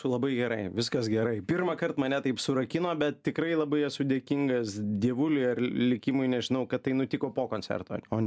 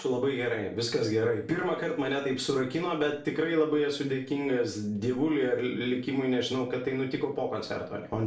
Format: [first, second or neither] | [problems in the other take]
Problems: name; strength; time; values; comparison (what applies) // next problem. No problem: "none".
first | room echo; dies away in 0.4 s